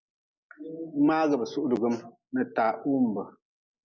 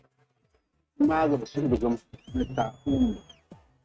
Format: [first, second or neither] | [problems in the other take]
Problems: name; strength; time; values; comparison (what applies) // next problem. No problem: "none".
first | noise reduction (neural mask model RNNoise)